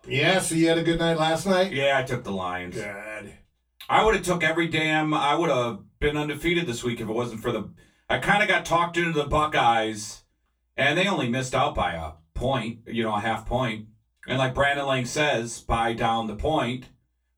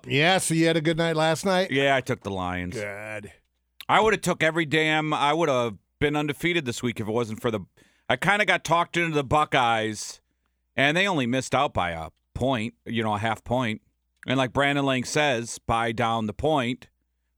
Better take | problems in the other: second | off-mic speech; far // room echo; very slight; dies away in 0.2 s

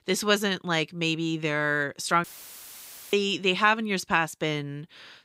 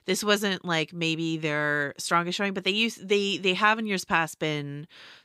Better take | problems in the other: second | audio cutting out; filled with static; at 2 s for 1 s

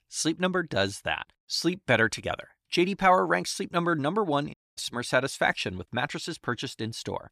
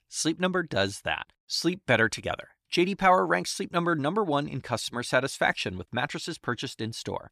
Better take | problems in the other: second | audio cutting out; at 4.5 s

